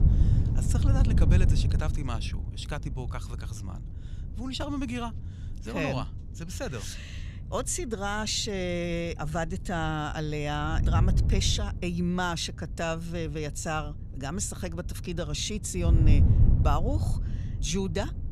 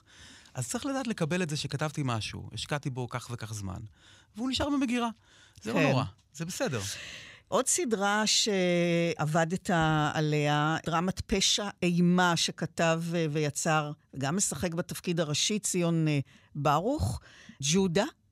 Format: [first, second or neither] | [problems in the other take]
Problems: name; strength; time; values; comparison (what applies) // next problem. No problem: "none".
second | wind noise on the microphone; occasional gusts; 10 dB below the speech